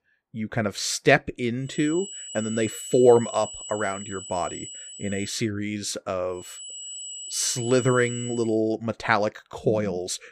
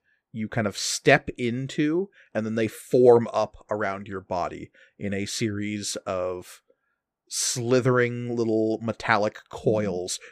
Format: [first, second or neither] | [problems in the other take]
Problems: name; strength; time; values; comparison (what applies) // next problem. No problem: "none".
second | high-pitched whine; noticeable; from 2 to 5.5 s and from 6.5 to 8.5 s; 8 kHz, 10 dB below the speech